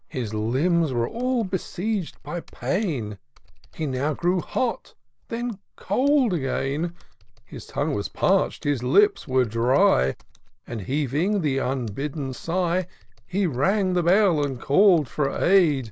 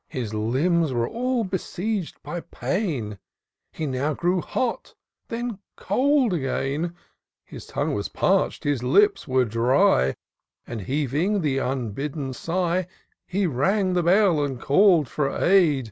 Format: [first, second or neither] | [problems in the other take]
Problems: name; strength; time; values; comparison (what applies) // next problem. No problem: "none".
second | background sound (Computer keyboard); 19 dB below the speech